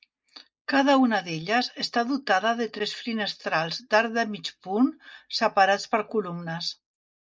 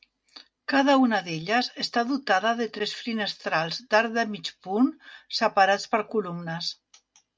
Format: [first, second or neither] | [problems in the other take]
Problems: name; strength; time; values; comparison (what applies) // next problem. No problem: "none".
second | noise reduction (neural mask model Resemble Enhance denoiser)